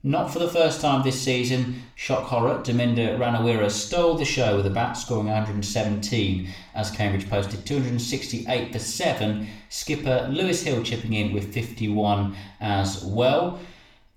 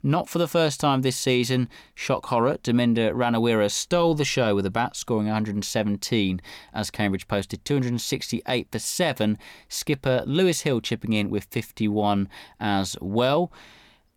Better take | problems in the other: second | room echo; noticeable; dies away in 0.5 s // off-mic speech; somewhat distant

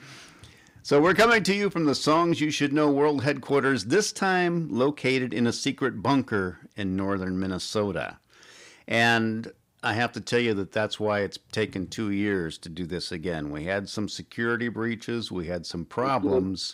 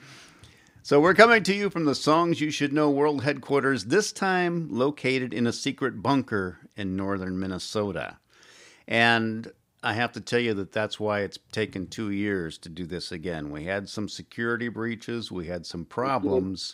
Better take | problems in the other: second | distortion; slight; 10 dB below the speech

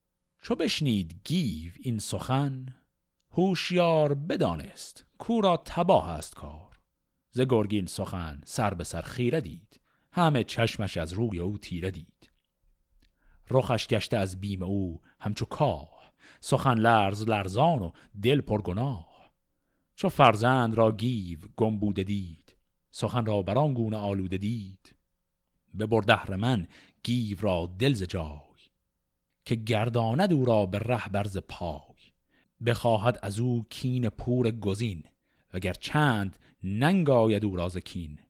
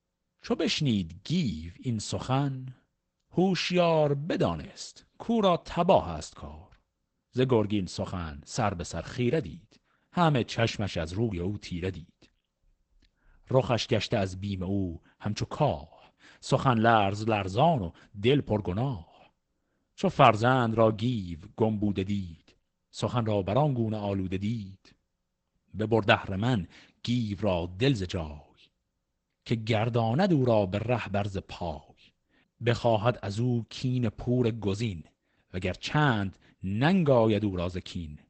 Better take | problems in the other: first | garbled, watery; badly; nothing above 8 kHz; slightly in the first

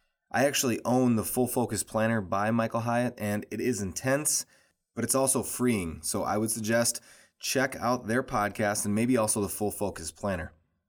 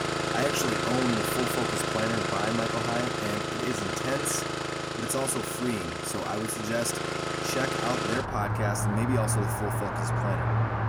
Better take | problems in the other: first | traffic noise; very loud; throughout; 2 dB above the speech

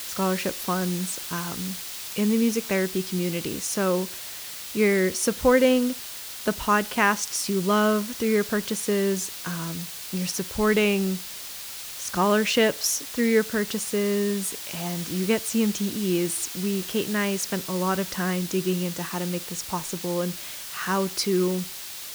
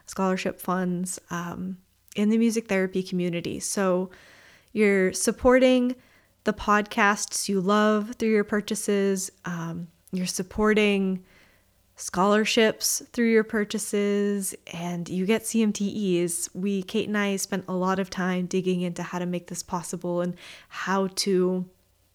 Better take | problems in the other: second | hiss; loud; throughout; 8 dB below the speech

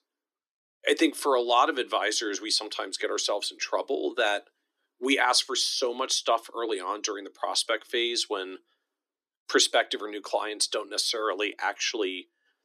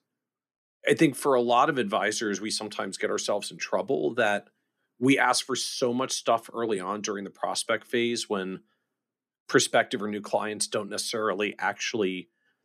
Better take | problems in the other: second | thin; very slightly; fading below 300 Hz

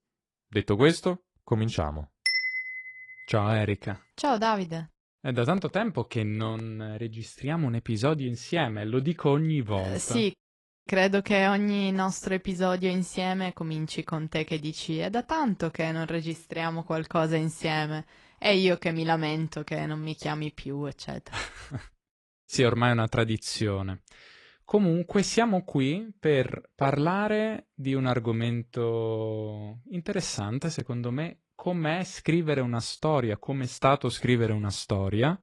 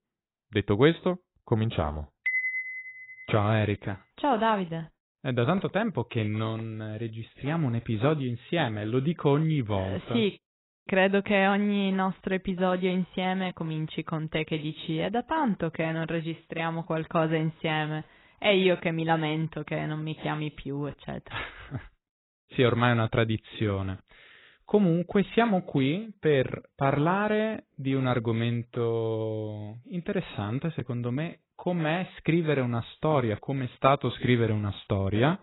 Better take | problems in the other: first | garbled, watery; badly; nothing above 4 kHz; slightly in the first

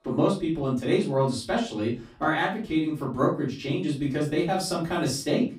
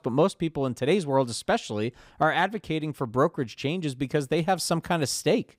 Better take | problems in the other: second | off-mic speech; far // room echo; slight; dies away in 0.3 s

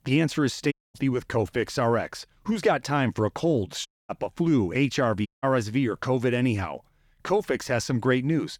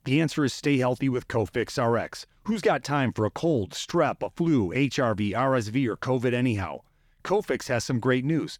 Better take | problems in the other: second | audio cutting out; at 0.5 s, at 4 s and at 5.5 s

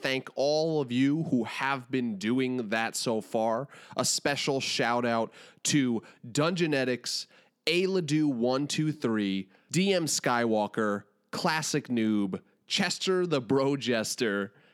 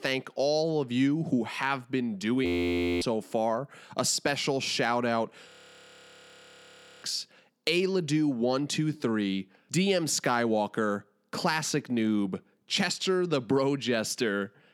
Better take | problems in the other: first | audio freezing; at 2.5 s for 0.5 s and at 5.5 s for 1.5 s

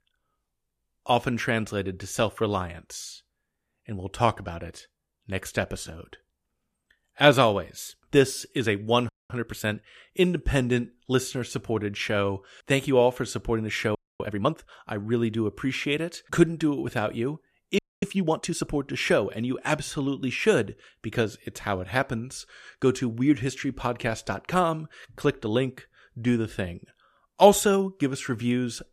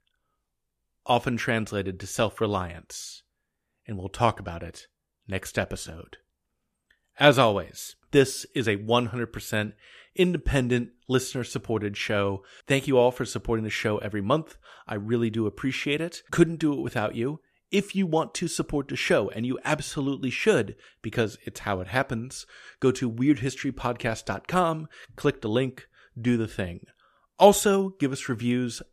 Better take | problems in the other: second | audio freezing; at 9 s, at 14 s and at 18 s

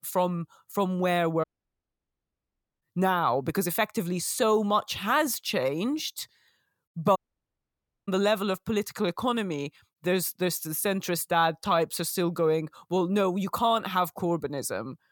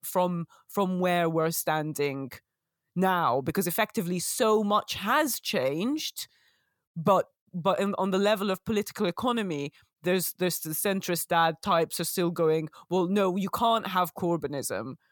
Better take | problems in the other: second | audio cutting out; at 1.5 s for 1.5 s and at 7 s for 1 s

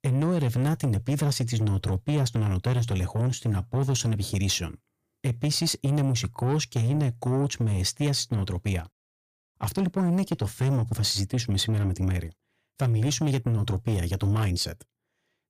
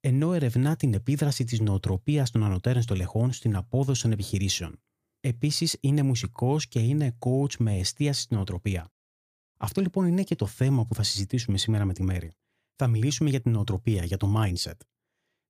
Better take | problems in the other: second | distortion; slight; 10 dB below the speech

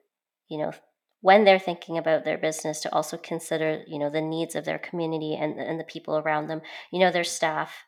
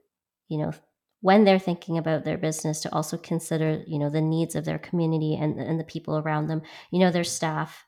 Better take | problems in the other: second | thin; somewhat; fading below 250 Hz

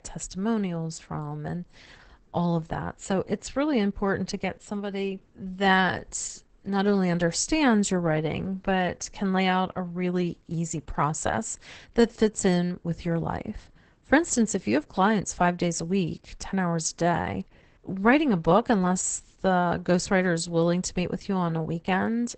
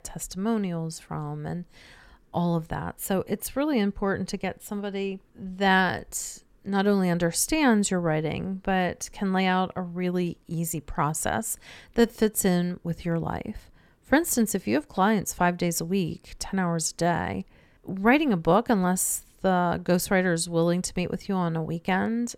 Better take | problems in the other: second | garbled, watery; badly; nothing above 8 kHz

